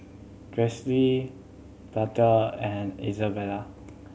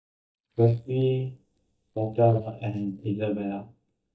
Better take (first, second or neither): first